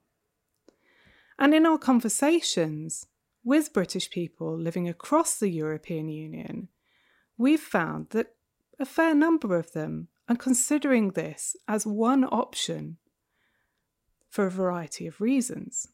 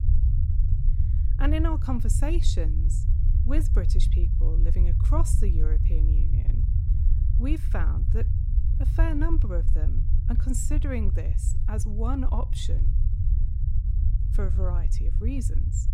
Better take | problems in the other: first | low rumble; loud; throughout; 7 dB below the speech

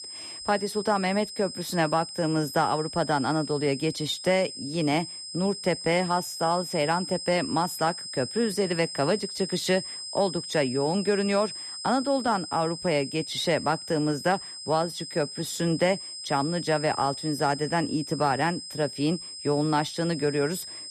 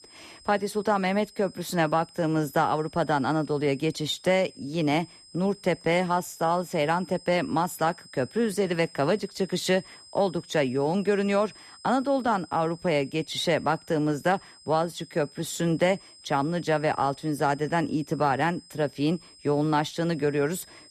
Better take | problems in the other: second | high-pitched whine; loud; throughout; 5 kHz, 8 dB below the speech; faint in the second

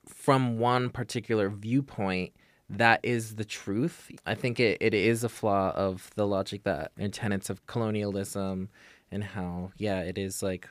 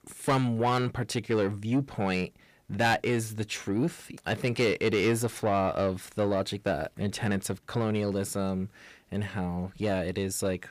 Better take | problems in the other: first | distortion; slight; 10 dB below the speech

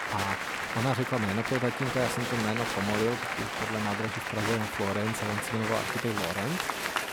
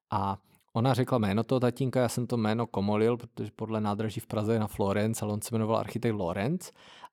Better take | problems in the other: second | crowd noise; very loud; throughout; as loud as the speech

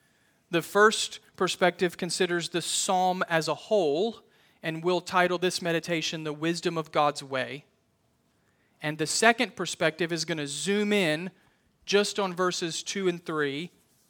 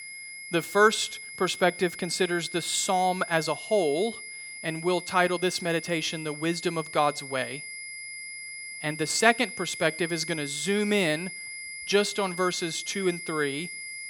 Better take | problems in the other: first | high-pitched whine; noticeable; throughout; 2 kHz, 10 dB below the speech

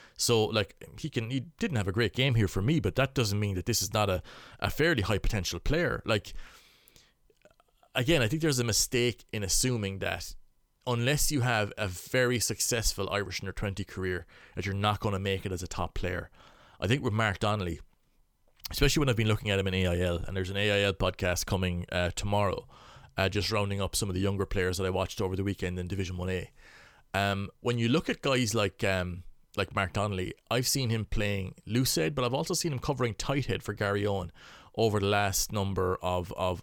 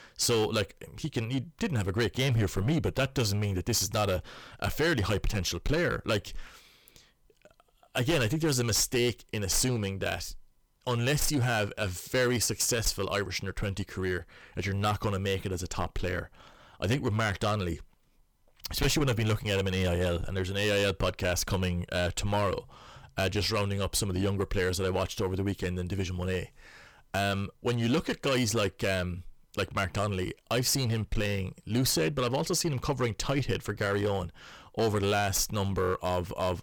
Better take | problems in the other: first | distortion; slight; 7% of the sound clipped

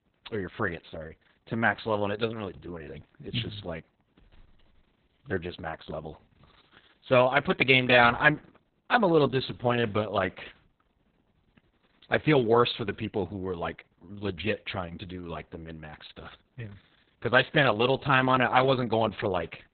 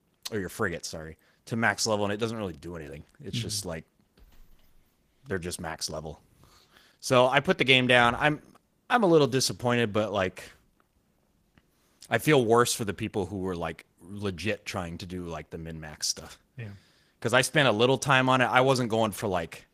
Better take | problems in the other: second | garbled, watery; badly; nothing above 4 kHz; slightly in the second

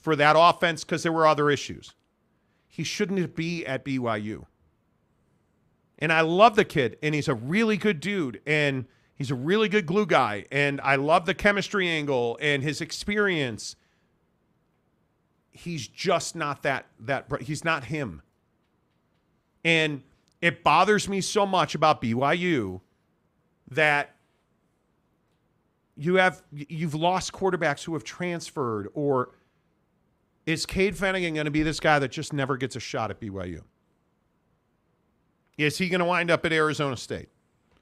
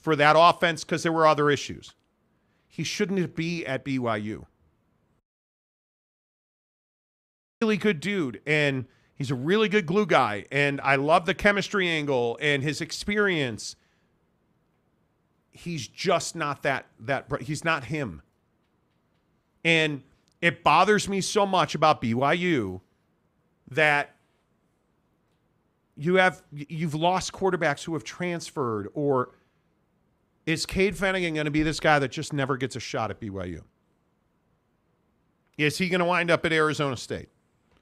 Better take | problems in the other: first | audio cutting out; at 5 s for 2.5 s

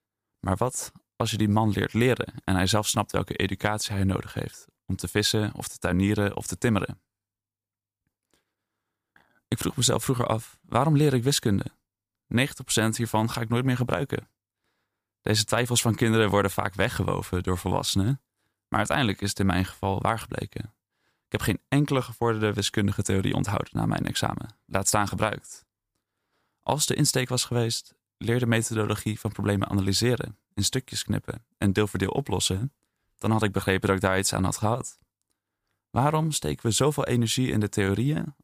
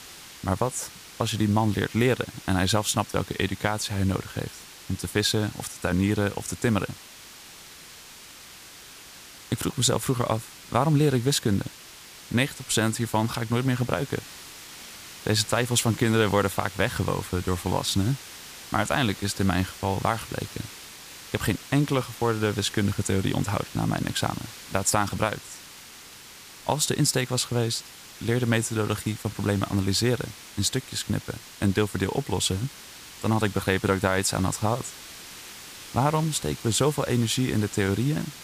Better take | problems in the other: first | hiss; noticeable; throughout; 15 dB below the speech

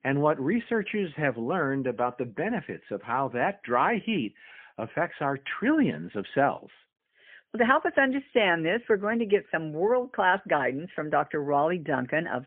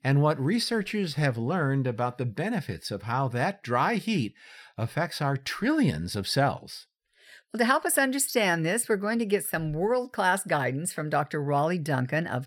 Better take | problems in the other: second | phone-call audio; poor line; nothing above 3 kHz

